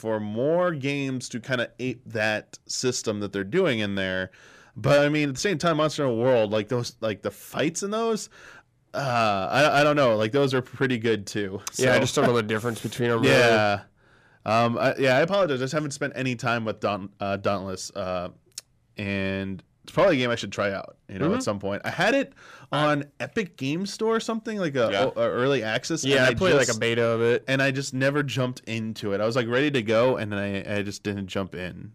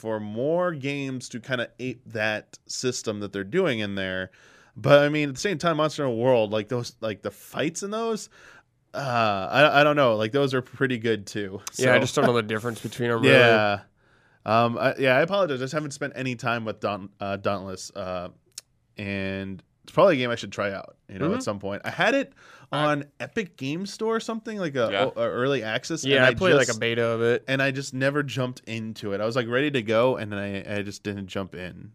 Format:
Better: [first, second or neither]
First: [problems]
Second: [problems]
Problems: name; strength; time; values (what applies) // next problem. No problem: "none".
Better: second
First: distortion; slight; 10 dB below the speech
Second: none